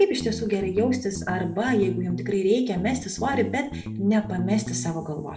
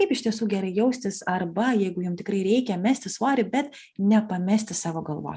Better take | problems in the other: second | background sound (Guitar); 8 dB below the speech // room echo; dies away in 0.3 s

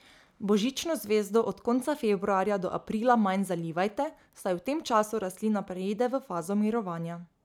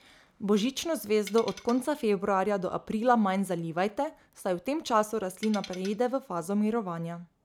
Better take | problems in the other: first | background sound (Tools); 17 dB below the speech

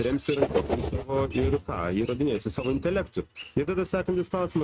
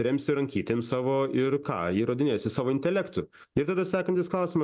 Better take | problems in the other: second | noise reduction (neural mask model RNNoise)

